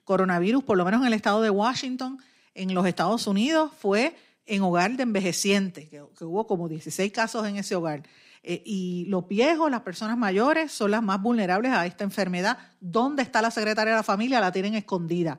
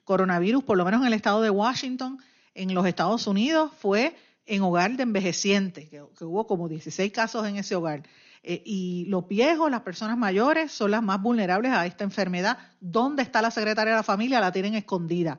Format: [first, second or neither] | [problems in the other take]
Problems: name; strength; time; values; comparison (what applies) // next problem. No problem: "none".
first | garbled, watery; slightly; nothing above 6.5 kHz